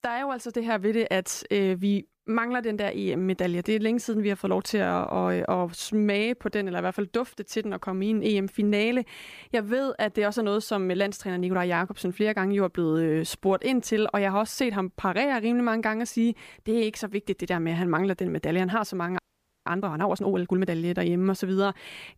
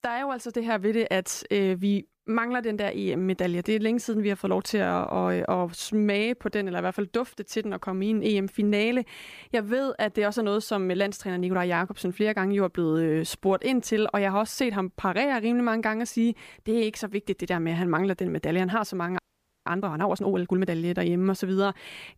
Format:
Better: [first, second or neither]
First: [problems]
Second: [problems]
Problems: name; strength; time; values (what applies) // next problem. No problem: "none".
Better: neither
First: audio freezing; at 19 s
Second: audio freezing; at 19 s